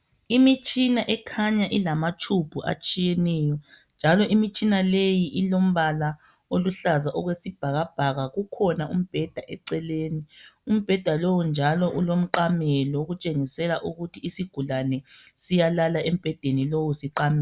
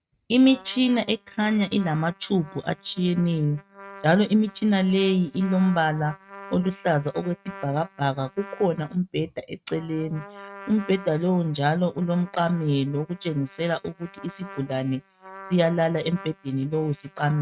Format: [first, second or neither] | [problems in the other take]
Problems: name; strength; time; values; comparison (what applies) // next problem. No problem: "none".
first | noise reduction (neural mask model RNNoise)